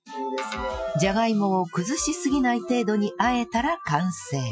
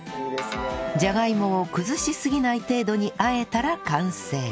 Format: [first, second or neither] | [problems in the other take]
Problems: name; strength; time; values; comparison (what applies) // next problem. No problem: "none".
second | noise reduction (classical method Wiener filter)